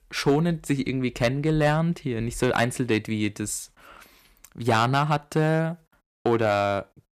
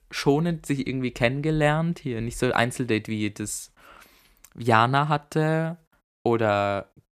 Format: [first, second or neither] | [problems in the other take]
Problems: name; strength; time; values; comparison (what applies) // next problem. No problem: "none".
second | distortion; slight; 1.9% of the sound clipped